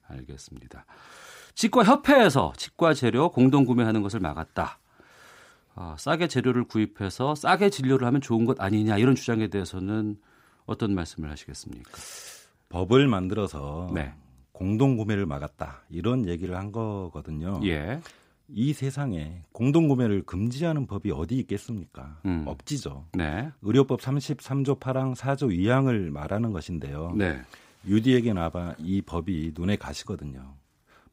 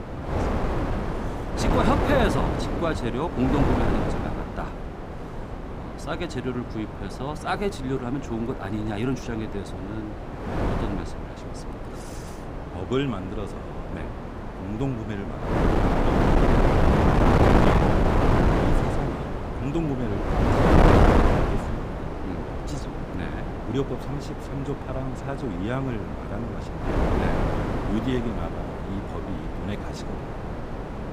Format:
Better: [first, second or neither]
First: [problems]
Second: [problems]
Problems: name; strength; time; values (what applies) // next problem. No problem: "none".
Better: first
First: none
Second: wind noise on the microphone; heavy; 5 dB above the speech